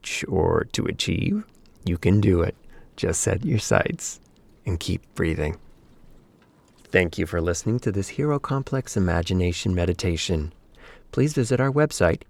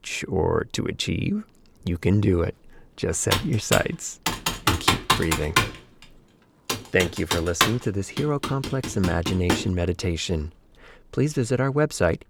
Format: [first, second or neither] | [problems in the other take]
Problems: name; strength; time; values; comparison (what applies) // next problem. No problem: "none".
first | keyboard typing; loud; from 3.5 to 9.5 s; peak 5 dB above the speech